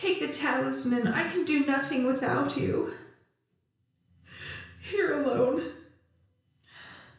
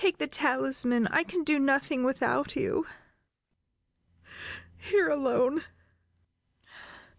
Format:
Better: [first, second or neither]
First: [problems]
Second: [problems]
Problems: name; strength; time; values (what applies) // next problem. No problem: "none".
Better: second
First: room echo; dies away in 0.5 s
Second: none